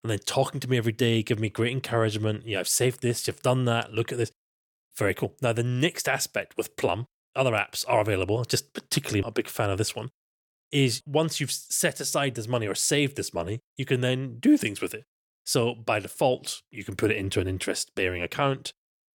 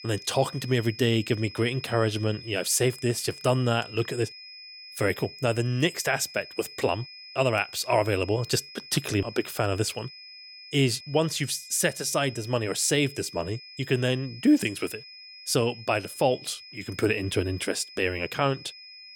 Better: first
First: none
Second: high-pitched whine; noticeable; throughout; 5 kHz, 15 dB below the speech

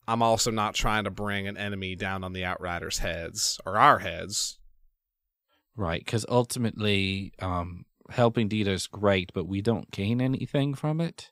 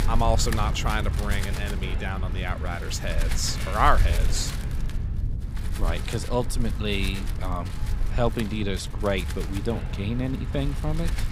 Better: first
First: none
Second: wind noise on the microphone; heavy; 10 dB below the speech

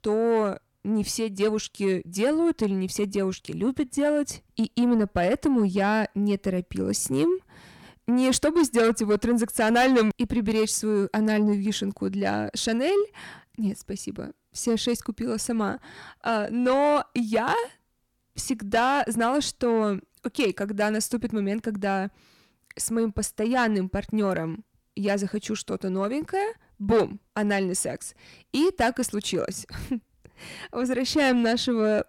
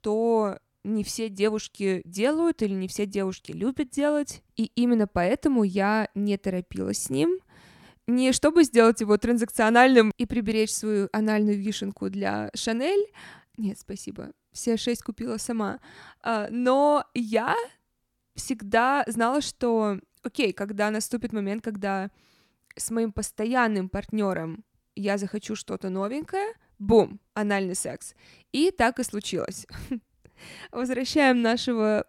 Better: second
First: distortion; slight; 10 dB below the speech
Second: none

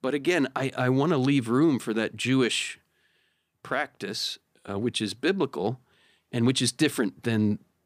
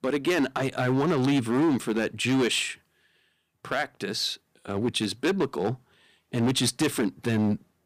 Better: first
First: none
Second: distortion; slight; 8% of the sound clipped

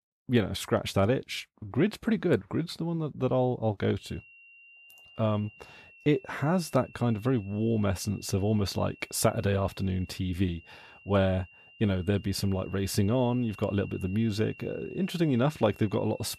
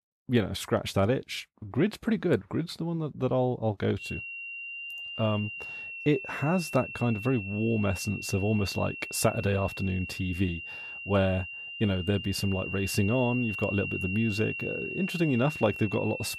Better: first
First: high-pitched whine; faint; from 4 s on; 3 kHz, 20 dB below the speech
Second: high-pitched whine; loud; from 4 s on; 3 kHz, 7 dB below the speech

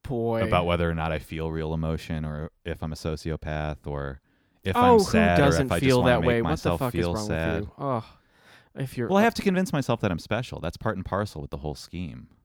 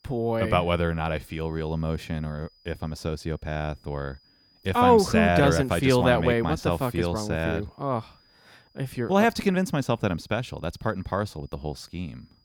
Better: first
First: none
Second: high-pitched whine; faint; throughout; 5 kHz, 35 dB below the speech

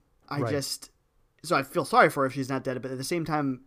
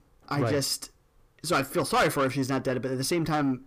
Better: first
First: none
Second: distortion; heavy; 6 dB below the speech

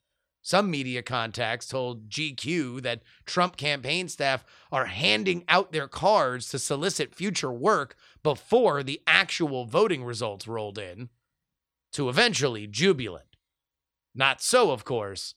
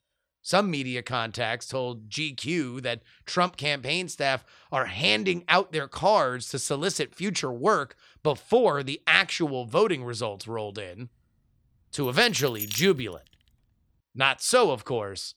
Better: first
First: none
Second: jangling keys; noticeable; at 12 s; peak 6 dB below the speech

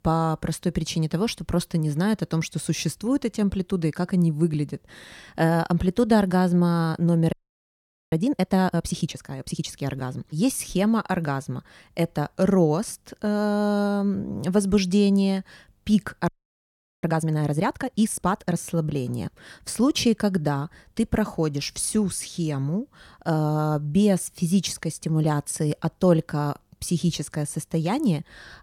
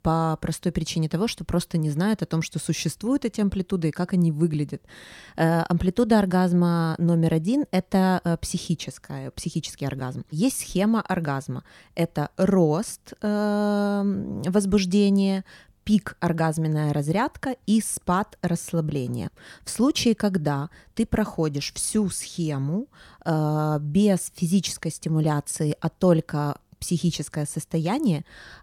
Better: second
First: audio freezing; at 7.5 s for 1 s and at 16 s for 1 s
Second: none

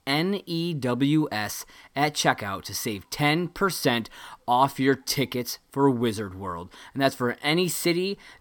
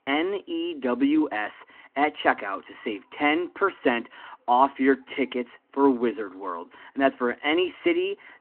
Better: first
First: none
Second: phone-call audio

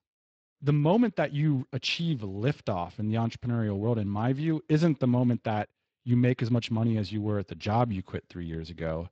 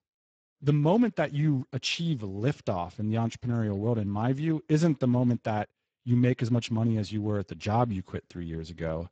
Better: first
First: garbled, watery; slightly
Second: garbled, watery; badly; nothing above 7.5 kHz

